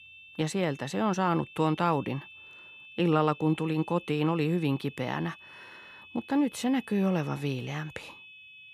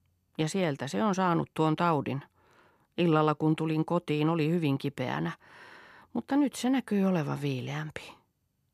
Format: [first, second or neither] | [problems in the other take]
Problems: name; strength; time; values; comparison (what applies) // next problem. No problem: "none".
second | high-pitched whine; noticeable; throughout; 2.5 kHz, 20 dB below the speech